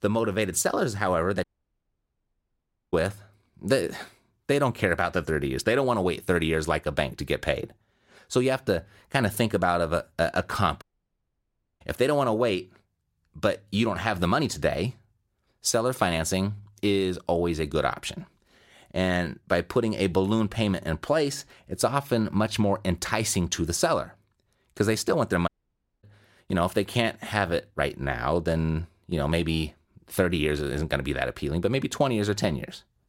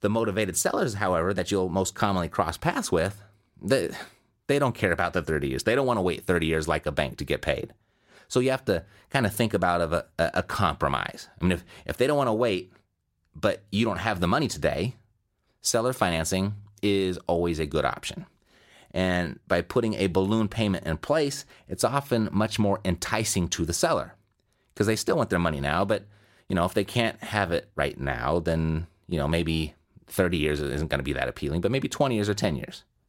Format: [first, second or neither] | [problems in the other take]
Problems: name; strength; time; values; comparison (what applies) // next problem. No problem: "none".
second | audio cutting out; at 1.5 s for 1.5 s, at 11 s for 1 s and at 25 s for 0.5 s